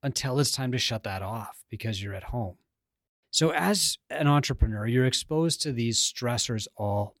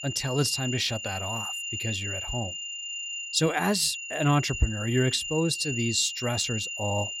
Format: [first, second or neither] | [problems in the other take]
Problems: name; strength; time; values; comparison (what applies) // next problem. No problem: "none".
first | high-pitched whine; loud; throughout; 3 kHz, 5 dB below the speech